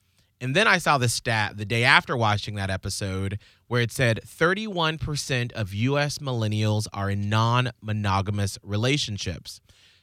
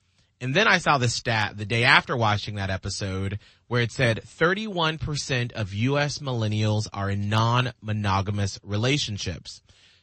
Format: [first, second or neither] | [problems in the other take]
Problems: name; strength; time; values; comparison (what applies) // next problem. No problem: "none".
first | garbled, watery; slightly; nothing above 8 kHz